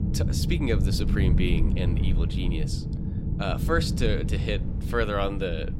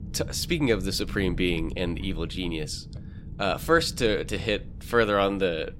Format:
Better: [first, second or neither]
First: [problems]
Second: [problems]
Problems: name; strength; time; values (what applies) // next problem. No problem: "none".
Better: second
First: low rumble; loud; throughout; 8 dB below the speech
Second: low rumble; faint; throughout; 25 dB below the speech